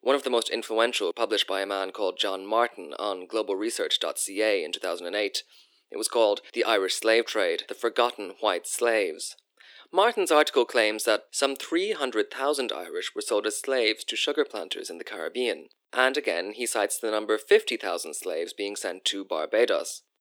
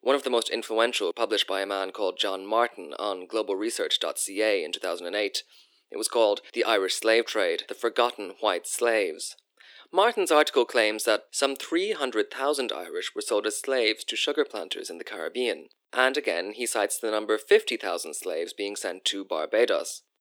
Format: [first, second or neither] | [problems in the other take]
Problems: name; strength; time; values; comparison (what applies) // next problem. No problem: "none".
neither | thin; very; fading below 300 Hz; the same in both